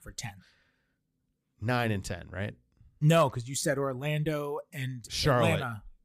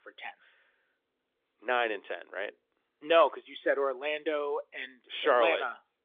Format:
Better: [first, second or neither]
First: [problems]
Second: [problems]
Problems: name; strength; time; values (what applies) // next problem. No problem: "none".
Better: first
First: none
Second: phone-call audio; nothing above 3.5 kHz